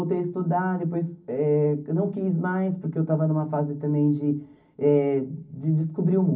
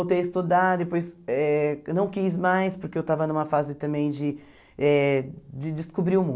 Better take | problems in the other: second | room echo; dies away in 0.4 s

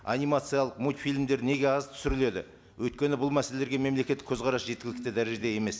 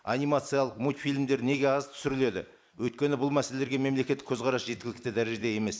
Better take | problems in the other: first | noise reduction (neural mask model Resemble Enhance denoiser)

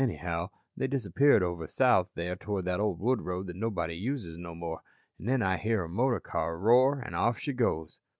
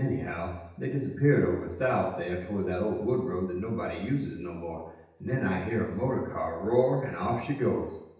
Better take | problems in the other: first | room echo; dies away in 0.9 s

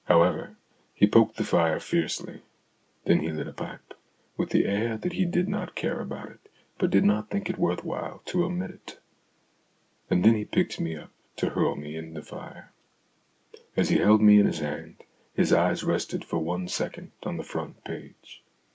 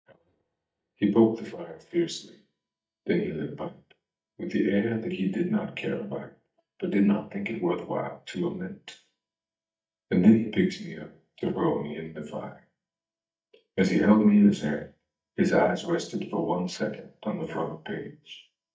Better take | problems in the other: first | noise reduction (neural mask model DeepFilterNet 3)

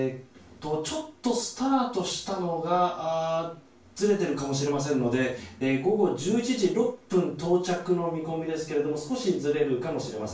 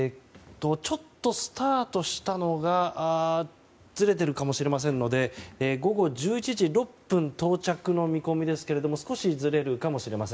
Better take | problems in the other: second | room echo; dies away in 0.3 s

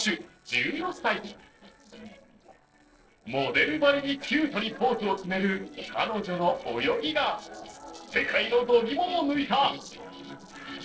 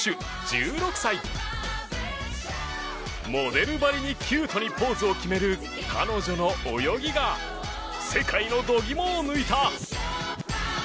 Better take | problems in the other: second | noise reduction (neural separator model SepFormer DNS4)

